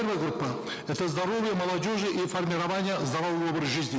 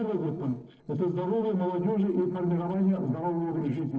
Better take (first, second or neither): first